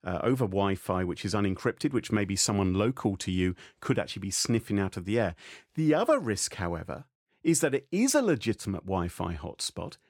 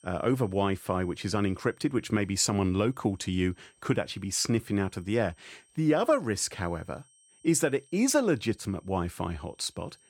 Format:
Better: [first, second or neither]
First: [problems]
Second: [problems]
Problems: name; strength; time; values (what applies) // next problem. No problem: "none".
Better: first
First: none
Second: high-pitched whine; faint; throughout; 8.5 kHz, 35 dB below the speech